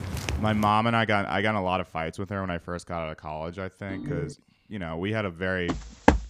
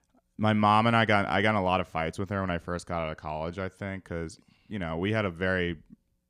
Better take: second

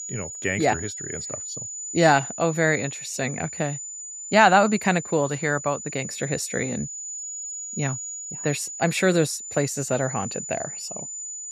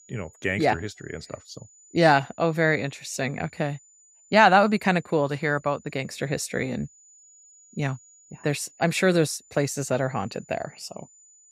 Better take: second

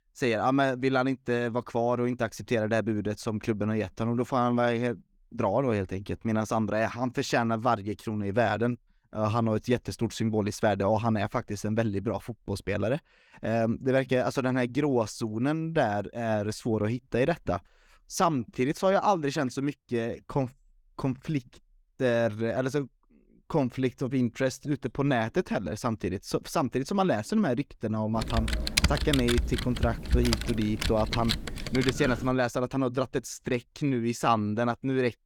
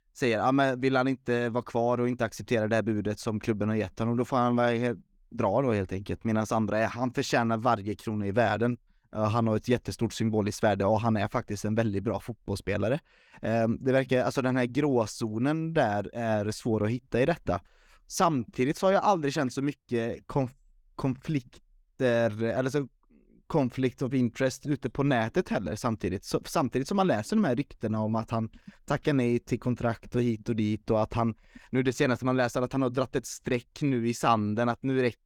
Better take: second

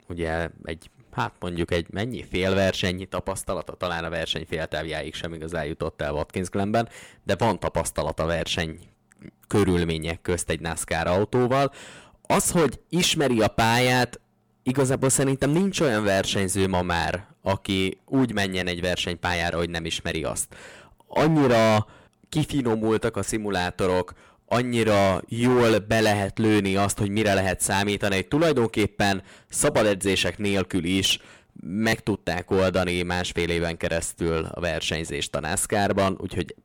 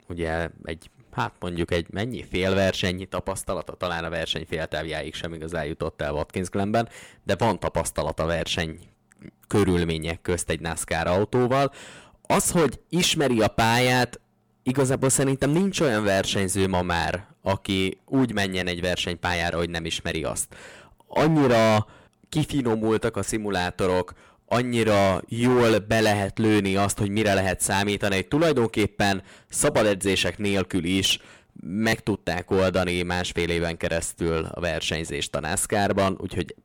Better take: neither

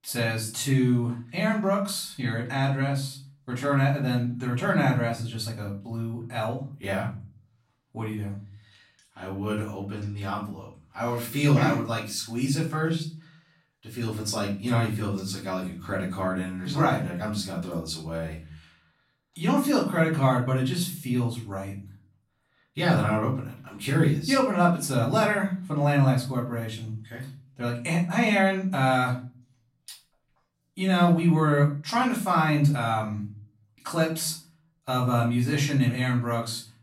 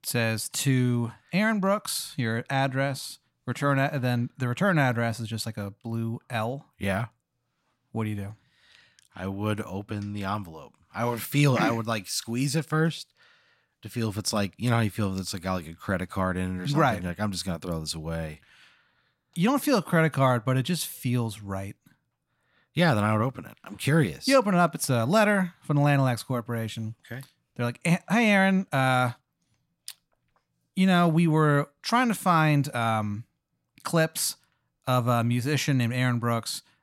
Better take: second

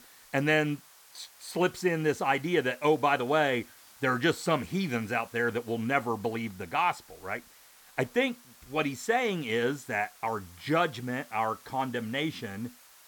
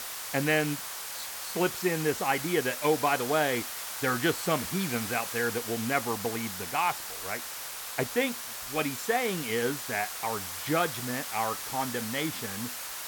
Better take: first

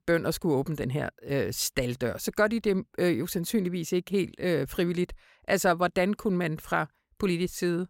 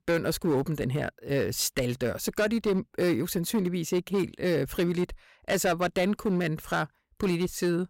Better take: first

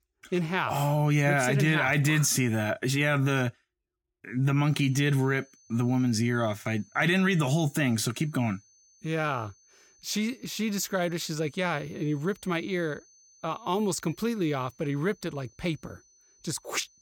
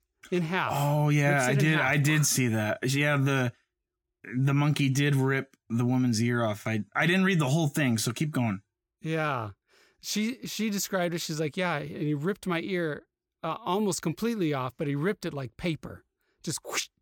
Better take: second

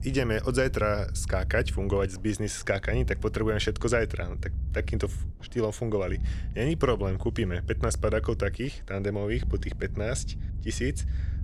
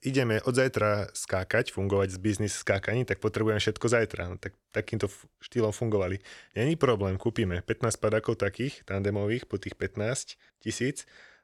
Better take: second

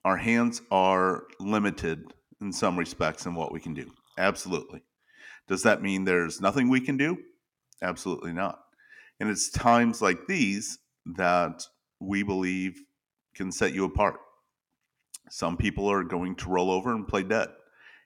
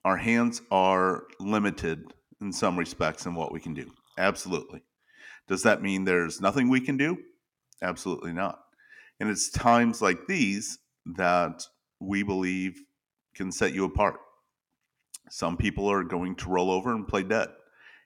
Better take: neither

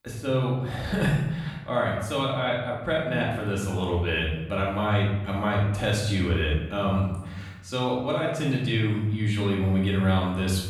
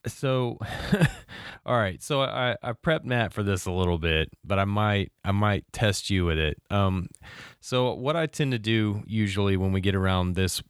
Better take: second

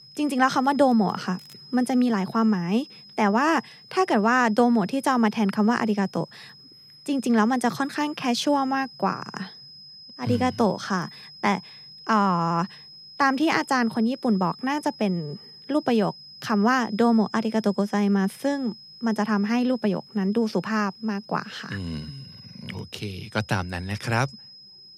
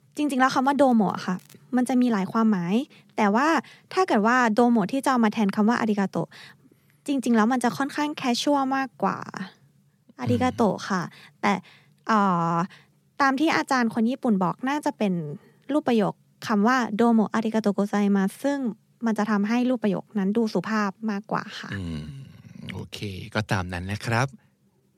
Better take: second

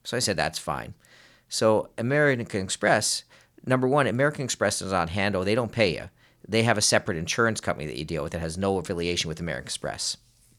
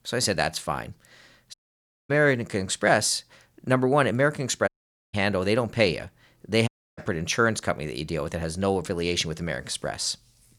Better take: first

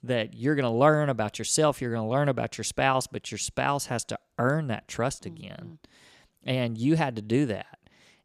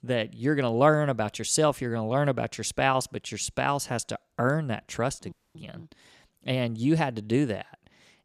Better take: first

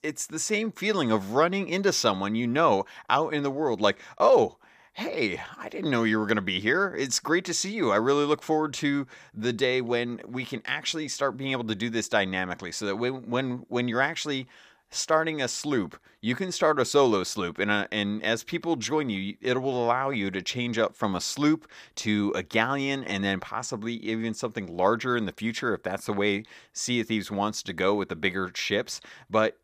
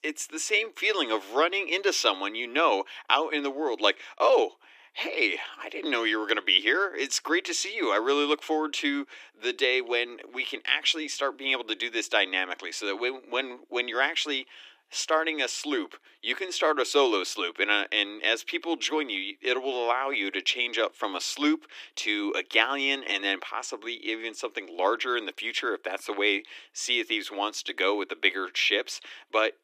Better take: first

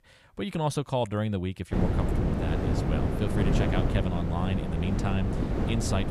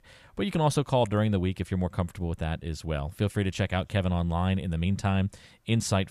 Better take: second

